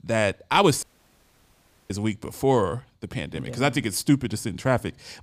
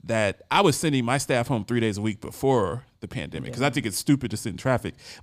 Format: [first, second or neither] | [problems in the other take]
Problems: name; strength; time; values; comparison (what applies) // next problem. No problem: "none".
second | audio cutting out; at 1 s for 1 s